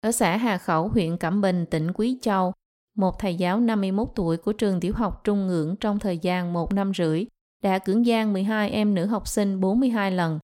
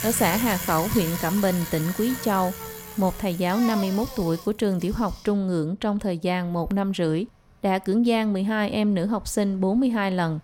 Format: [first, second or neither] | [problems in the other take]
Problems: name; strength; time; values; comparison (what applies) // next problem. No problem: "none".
first | traffic noise; loud; throughout; 8 dB below the speech